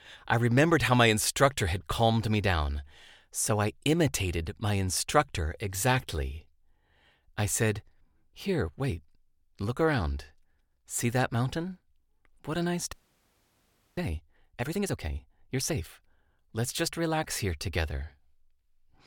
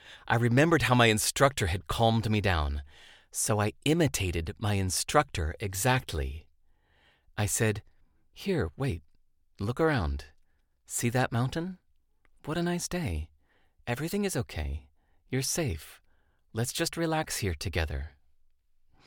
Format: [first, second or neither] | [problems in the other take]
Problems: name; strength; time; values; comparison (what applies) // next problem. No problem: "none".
second | audio freezing; at 13 s for 1 s